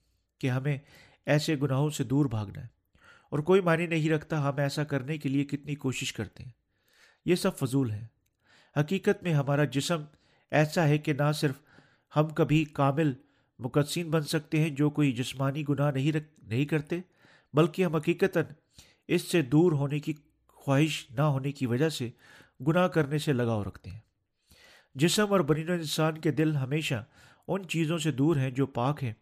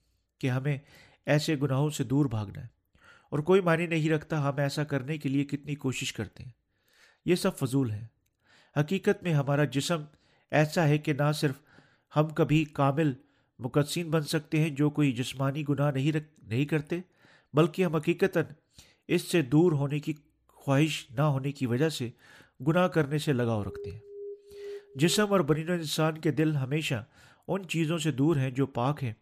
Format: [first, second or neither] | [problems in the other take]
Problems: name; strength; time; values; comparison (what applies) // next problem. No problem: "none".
first | alarm; faint; from 24 to 25 s; peak 15 dB below the speech